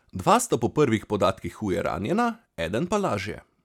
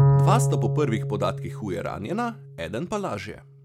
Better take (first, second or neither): first